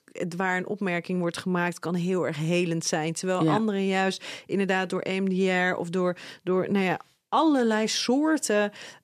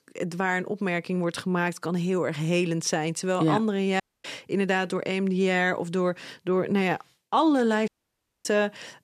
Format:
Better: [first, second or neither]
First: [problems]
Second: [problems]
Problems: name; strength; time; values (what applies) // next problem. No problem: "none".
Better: first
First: none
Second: audio cutting out; at 4 s and at 8 s for 0.5 s